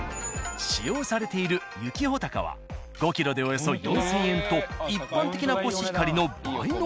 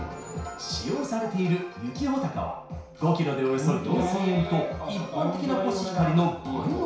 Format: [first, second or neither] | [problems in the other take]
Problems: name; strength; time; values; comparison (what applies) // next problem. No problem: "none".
first | room echo; dies away in 0.6 s